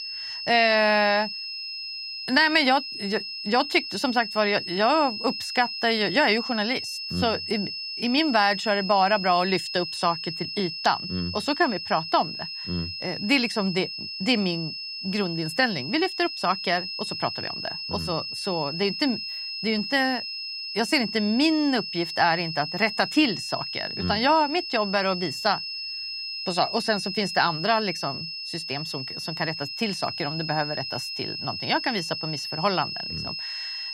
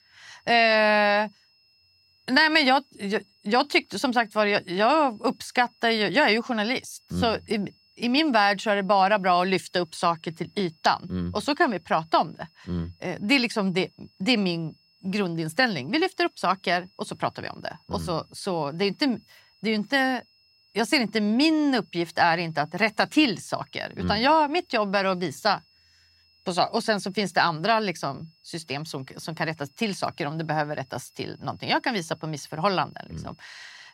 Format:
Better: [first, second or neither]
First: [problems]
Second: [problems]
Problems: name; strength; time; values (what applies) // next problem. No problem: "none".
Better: second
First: high-pitched whine; loud; throughout; 5 kHz, 6 dB below the speech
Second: high-pitched whine; faint; throughout; 5 kHz, 35 dB below the speech